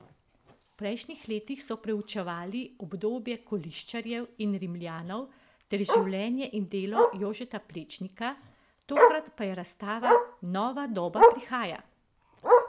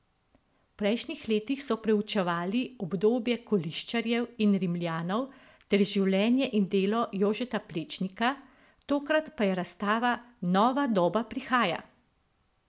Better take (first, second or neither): second